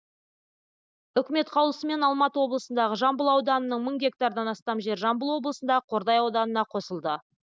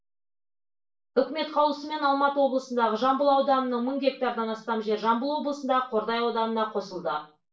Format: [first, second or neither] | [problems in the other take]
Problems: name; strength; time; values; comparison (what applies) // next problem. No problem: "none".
first | room echo; dies away in 0.3 s